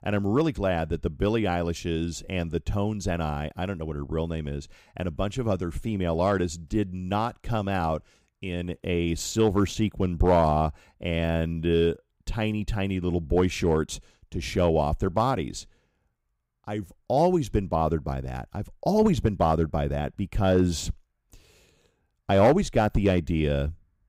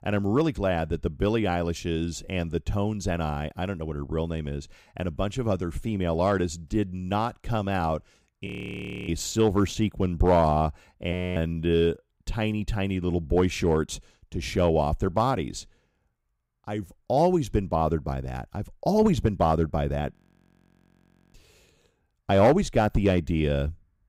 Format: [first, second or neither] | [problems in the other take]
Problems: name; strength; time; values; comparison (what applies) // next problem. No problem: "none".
first | audio freezing; at 8.5 s for 0.5 s, at 11 s and at 20 s for 1 s